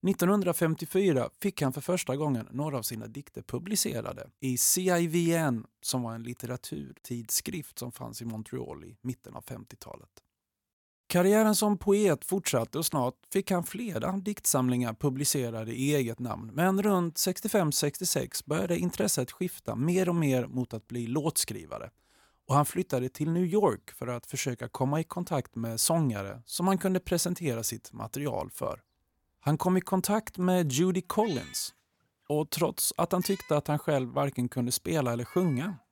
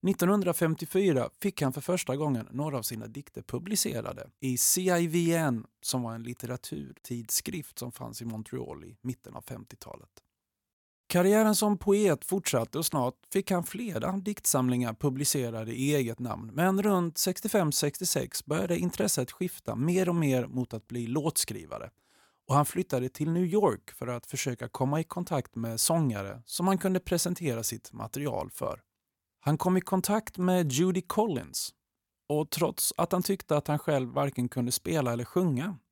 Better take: second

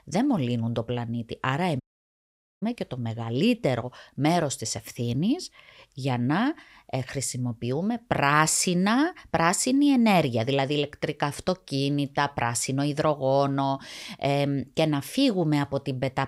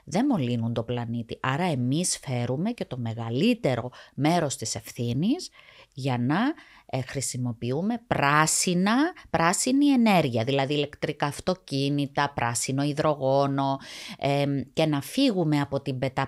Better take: second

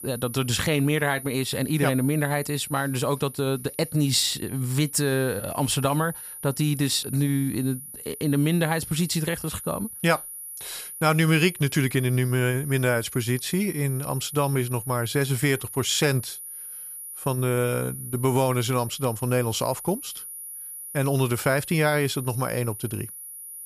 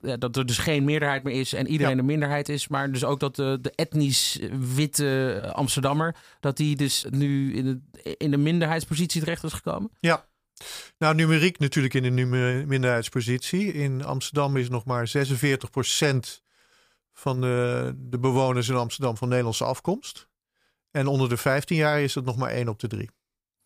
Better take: second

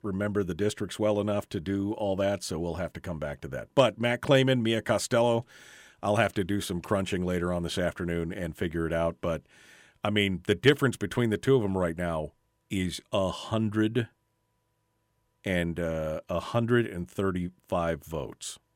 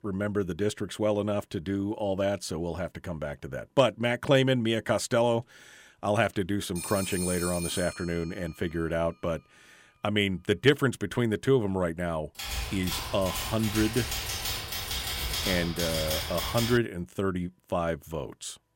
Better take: first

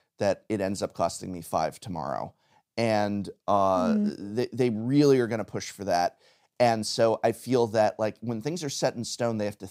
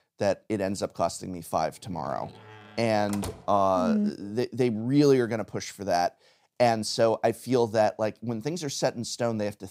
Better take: first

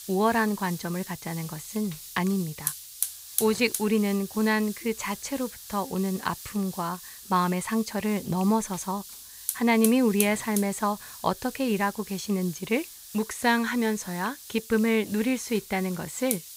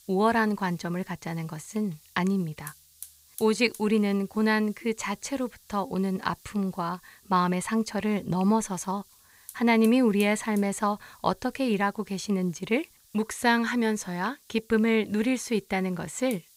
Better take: second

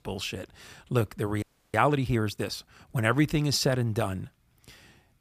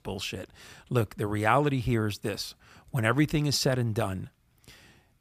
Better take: second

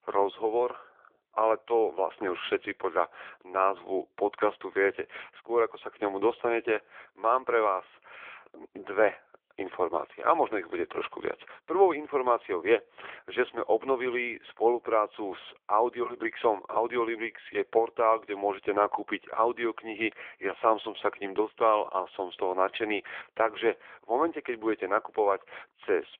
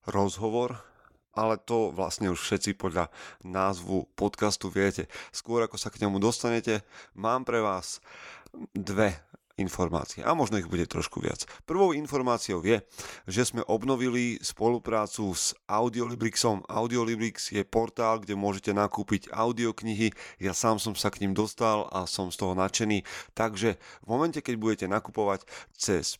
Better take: second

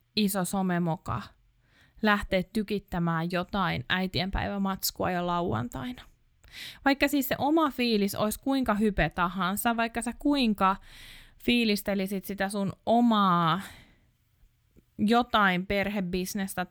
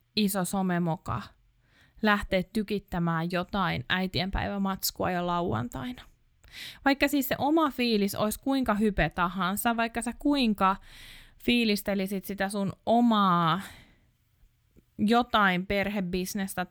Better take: neither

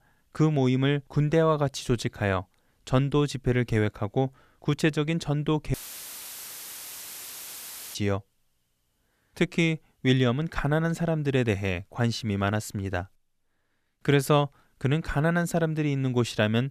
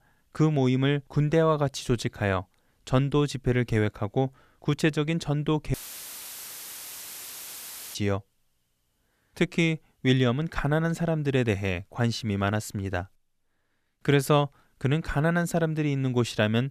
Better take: neither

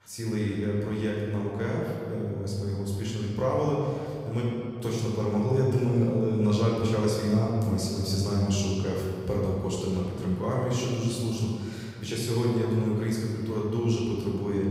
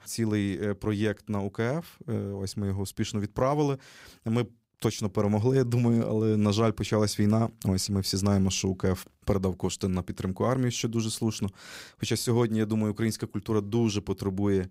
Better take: second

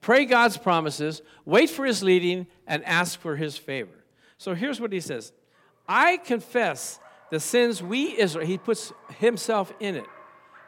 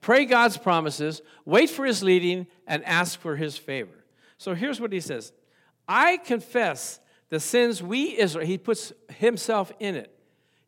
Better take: second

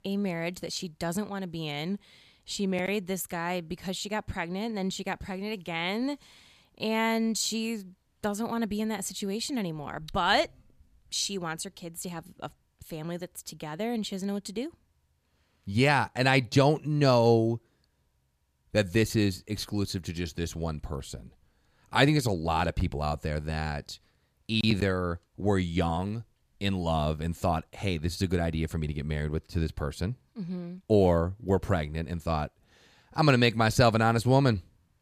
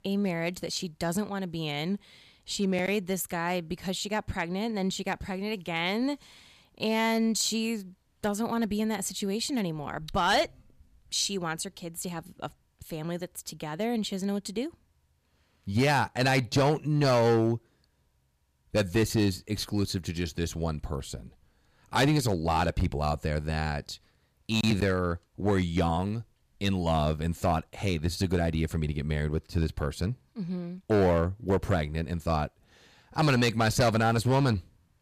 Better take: first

